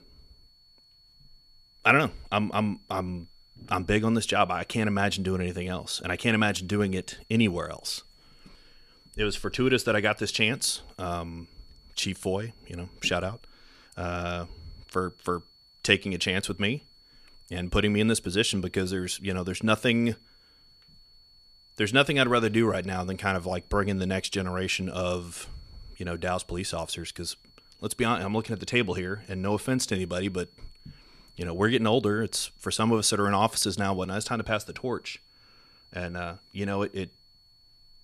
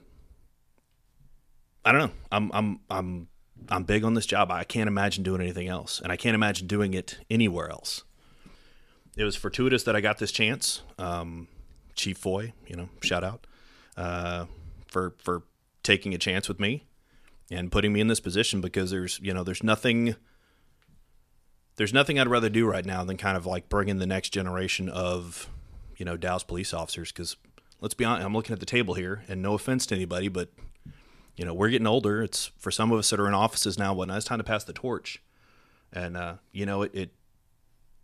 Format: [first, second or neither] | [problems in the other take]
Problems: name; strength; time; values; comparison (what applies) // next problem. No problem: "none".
second | high-pitched whine; faint; throughout; 4.5 kHz, 30 dB below the speech